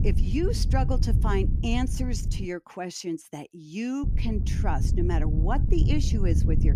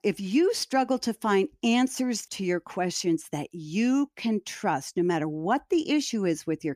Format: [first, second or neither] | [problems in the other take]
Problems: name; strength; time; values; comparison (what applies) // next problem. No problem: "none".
second | wind noise on the microphone; heavy; until 2.5 s and from 4 s on; 8 dB below the speech